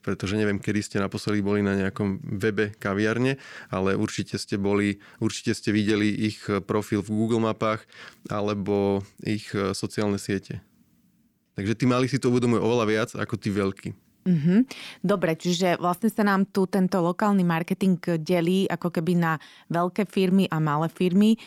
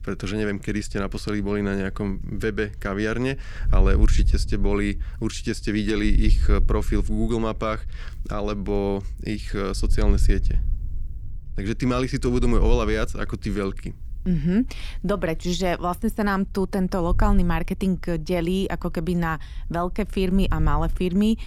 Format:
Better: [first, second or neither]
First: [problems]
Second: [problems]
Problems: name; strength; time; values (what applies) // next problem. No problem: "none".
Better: first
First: none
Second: wind noise on the microphone; occasional gusts; 20 dB below the speech